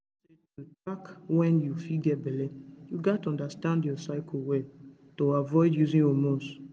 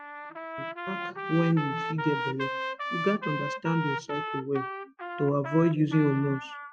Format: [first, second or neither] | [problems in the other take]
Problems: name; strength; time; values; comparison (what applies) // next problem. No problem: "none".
first | noise reduction (classical method Wiener filter)